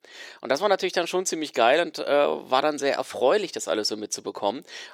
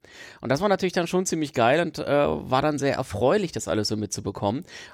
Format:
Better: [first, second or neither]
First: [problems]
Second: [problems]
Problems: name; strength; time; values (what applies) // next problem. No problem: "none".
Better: second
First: thin; somewhat; fading below 400 Hz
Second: none